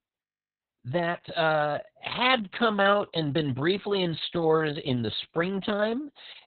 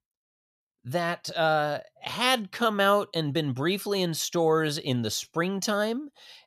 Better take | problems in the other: second | garbled, watery; badly; nothing above 4 kHz

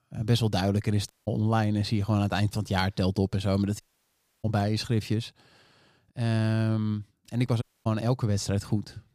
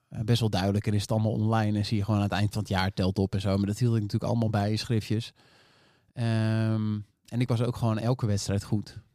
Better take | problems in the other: second | audio cutting out; at 1 s, at 4 s for 0.5 s and at 7.5 s

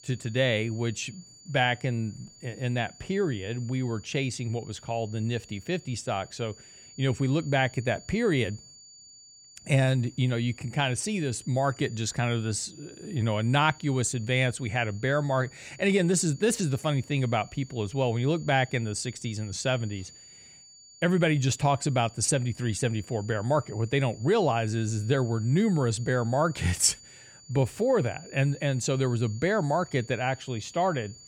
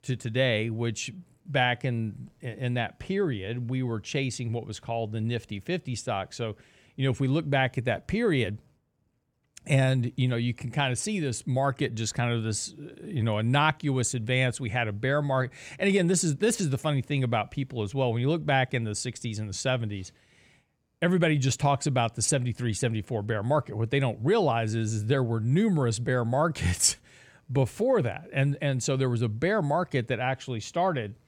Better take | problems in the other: second | high-pitched whine; faint; throughout; 7 kHz, 20 dB below the speech

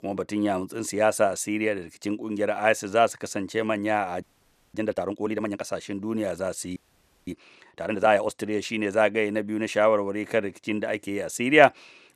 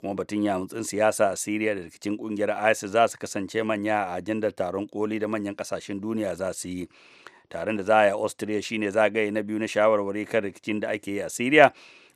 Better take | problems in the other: second | audio freezing; at 4 s for 0.5 s and at 7 s for 0.5 s

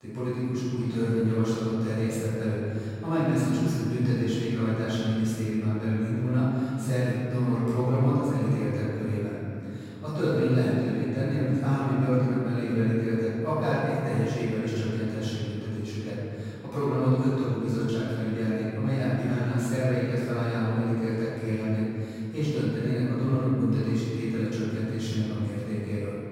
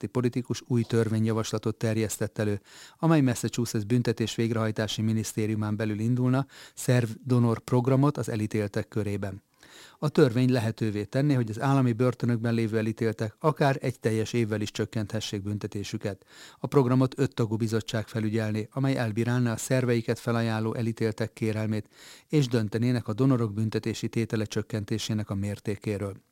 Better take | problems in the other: second | off-mic speech; far // room echo; strong; dies away in 3 s

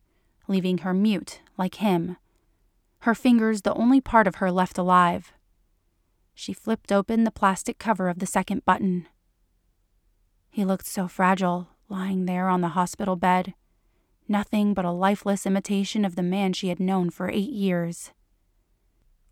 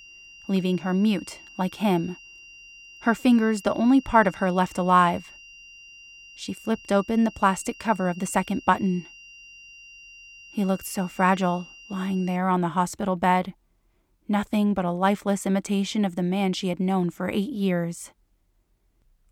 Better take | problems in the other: first | high-pitched whine; faint; until 12 s; 3 kHz, 20 dB below the speech

